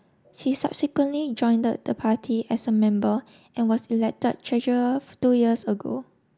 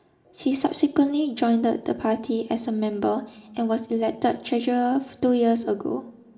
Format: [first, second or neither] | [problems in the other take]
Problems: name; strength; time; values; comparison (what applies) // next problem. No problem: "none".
first | room echo; dies away in 1.3 s